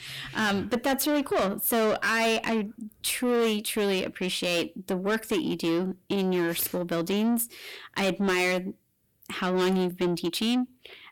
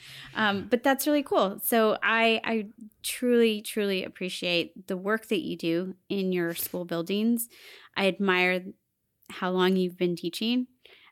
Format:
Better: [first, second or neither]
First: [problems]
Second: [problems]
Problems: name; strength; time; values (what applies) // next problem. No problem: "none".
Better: second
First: distortion; heavy; 7 dB below the speech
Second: none